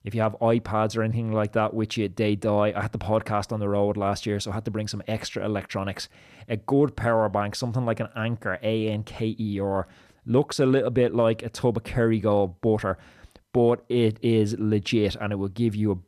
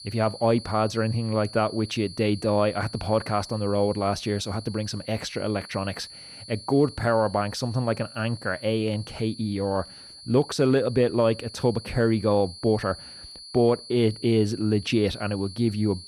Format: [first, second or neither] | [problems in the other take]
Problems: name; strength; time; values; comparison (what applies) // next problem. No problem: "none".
first | high-pitched whine; noticeable; throughout; 4.5 kHz, 15 dB below the speech